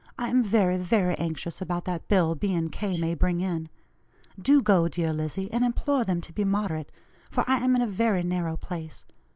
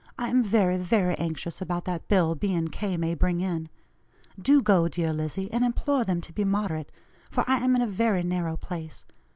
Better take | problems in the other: second | noise reduction (neural mask model Resemble Enhance denoiser)

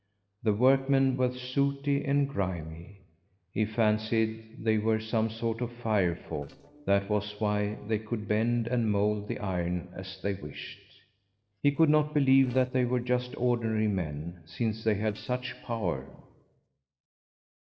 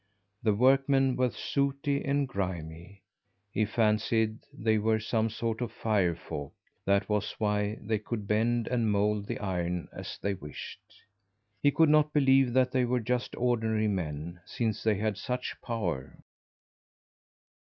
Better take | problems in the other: second | noise reduction (neural separator model SepFormer DNS4)

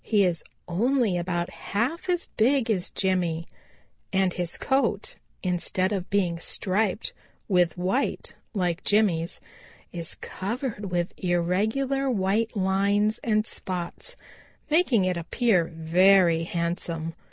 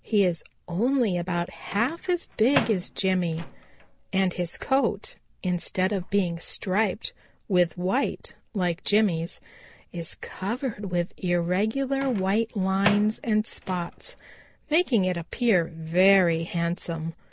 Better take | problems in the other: first | background sound (Microwave oven); 16 dB below the speech

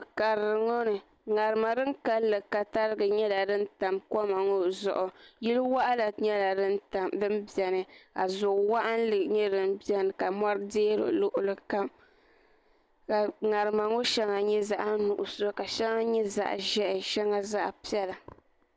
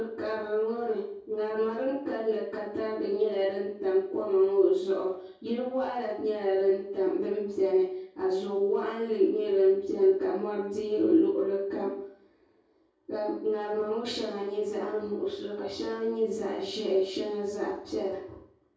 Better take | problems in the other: first | room echo; dies away in 0.6 s

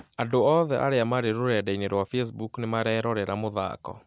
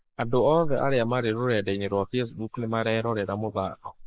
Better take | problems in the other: first | noise reduction (neural mask model Resemble Enhance denoiser)

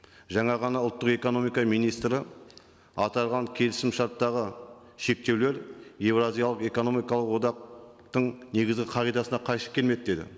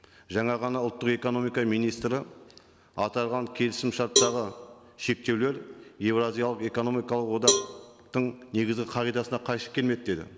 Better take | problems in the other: first | background sound (Cowbell); 4 dB below the speech

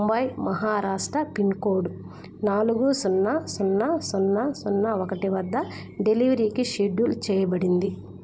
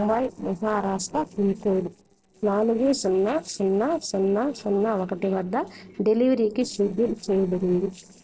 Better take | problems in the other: first | noise reduction (neural separator model SepFormer DNS4)

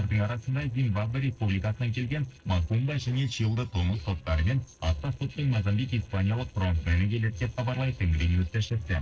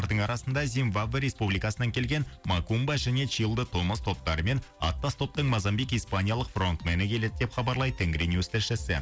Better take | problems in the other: second | noise reduction (neural separator model SepFormer DNS4)

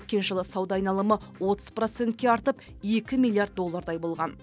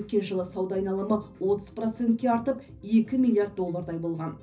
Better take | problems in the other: first | room echo; dies away in 0.4 s

